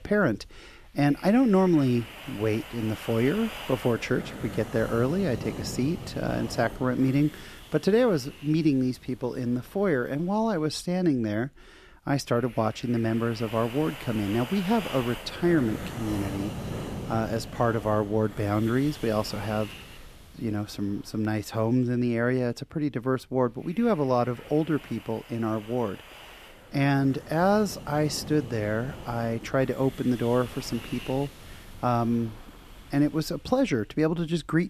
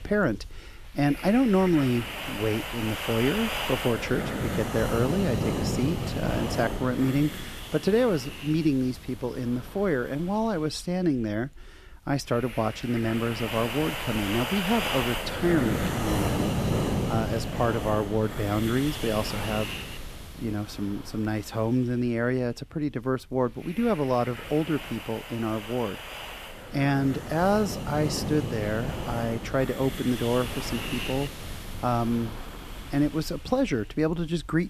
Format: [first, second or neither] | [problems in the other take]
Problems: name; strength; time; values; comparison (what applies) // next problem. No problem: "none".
first | wind noise on the microphone; heavy; 4 dB below the speech; occasional gusts in the first